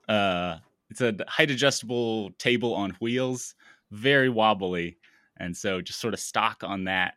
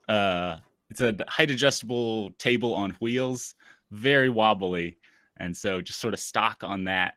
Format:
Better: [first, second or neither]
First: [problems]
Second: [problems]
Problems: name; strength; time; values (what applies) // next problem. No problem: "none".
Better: first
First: none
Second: garbled, watery; slightly; nothing above 16.5 kHz